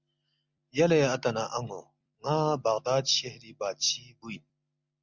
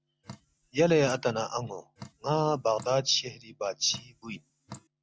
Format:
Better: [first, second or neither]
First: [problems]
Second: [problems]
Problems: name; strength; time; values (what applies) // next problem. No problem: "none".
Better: first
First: none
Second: background sound (Drip); 19 dB below the speech